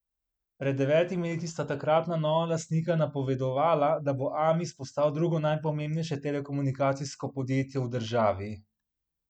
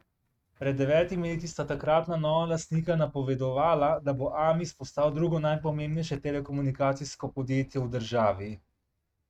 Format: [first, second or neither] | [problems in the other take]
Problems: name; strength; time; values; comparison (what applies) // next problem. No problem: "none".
first | noise reduction (neural mask model RNNoise)